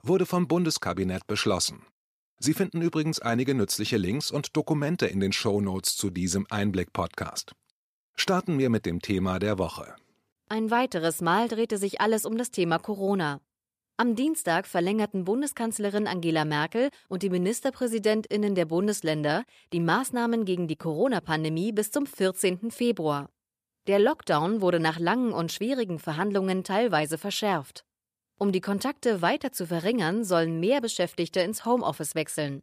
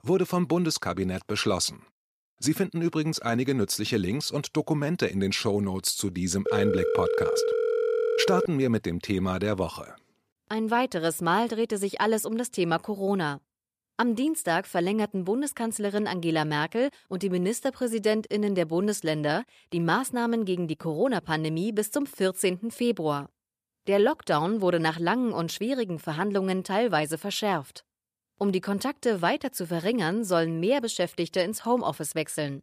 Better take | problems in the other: first | phone ringing; loud; from 6.5 to 8.5 s; peak 2 dB above the speech

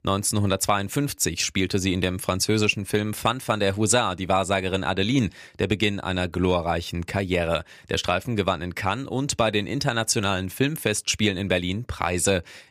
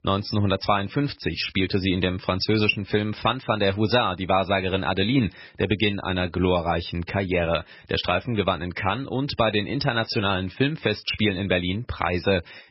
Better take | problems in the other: first | garbled, watery; badly; nothing above 5.5 kHz

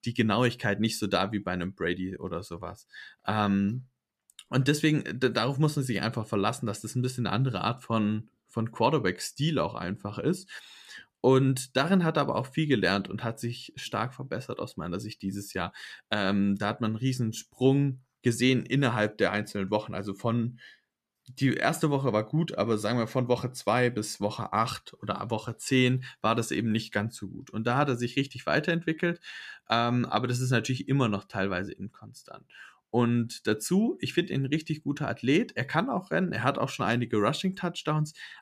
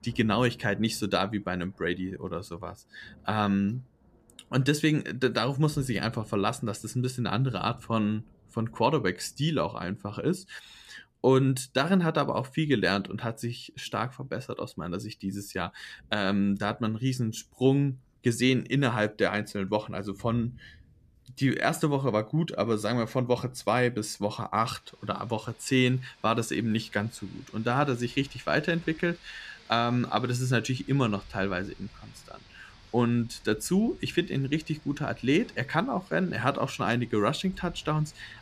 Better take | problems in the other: first | rain or running water; faint; throughout; 25 dB below the speech

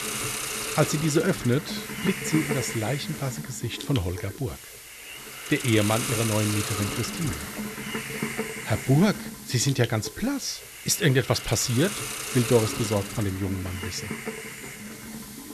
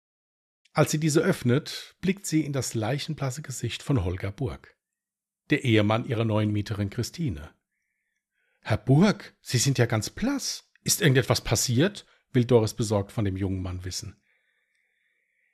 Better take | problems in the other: second | hiss; loud; throughout; 6 dB below the speech

